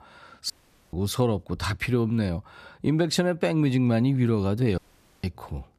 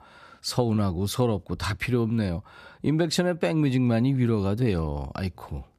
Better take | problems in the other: second | audio cutting out; at 0.5 s and at 5 s

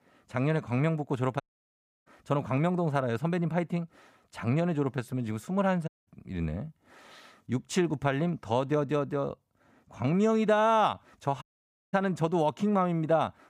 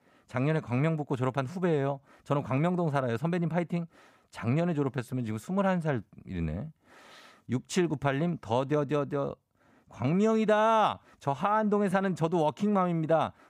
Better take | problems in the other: second | audio cutting out; at 1.5 s for 0.5 s, at 6 s and at 11 s for 0.5 s

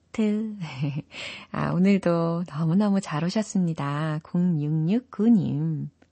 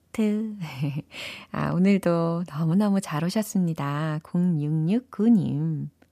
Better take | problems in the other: second | garbled, watery; slightly; nothing above 8 kHz

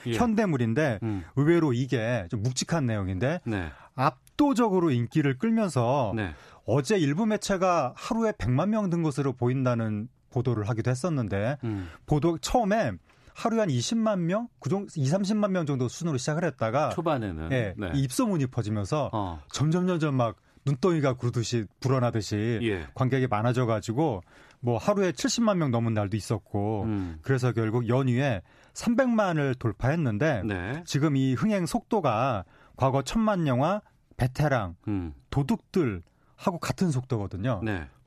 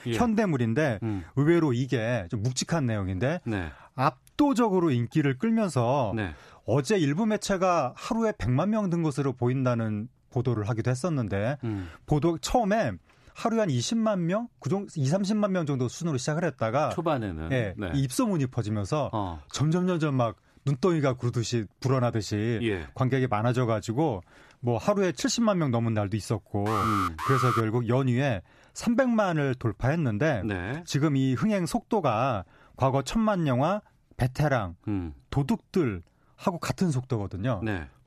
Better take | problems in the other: first | alarm; loud; at 27 s; peak level with the speech

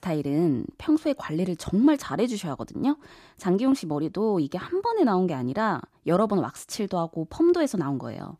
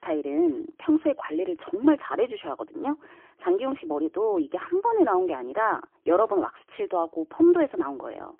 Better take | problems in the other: first | phone-call audio; poor line; nothing above 3 kHz

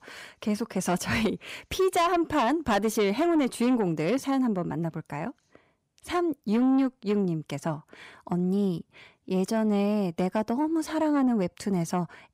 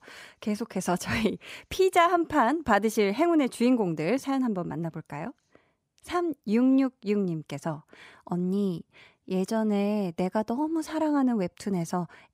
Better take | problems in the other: second | distortion; slight; 10 dB below the speech

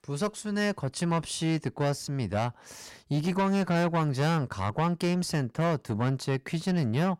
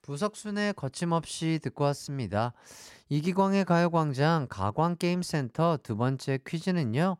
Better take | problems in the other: second | distortion; slight; 10 dB below the speech

